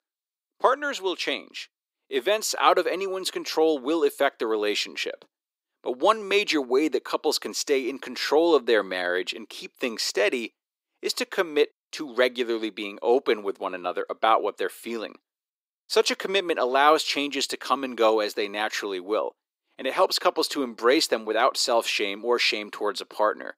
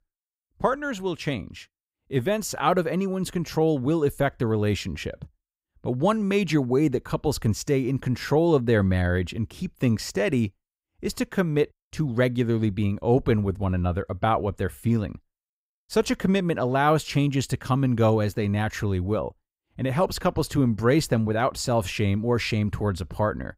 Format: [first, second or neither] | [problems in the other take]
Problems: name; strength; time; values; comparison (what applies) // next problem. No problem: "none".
second | thin; very; fading below 350 Hz